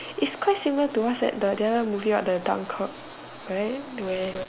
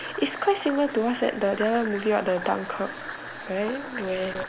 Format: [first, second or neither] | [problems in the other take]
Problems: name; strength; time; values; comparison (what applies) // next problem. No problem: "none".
first | background sound (Fill (with liquid)); 12 dB below the speech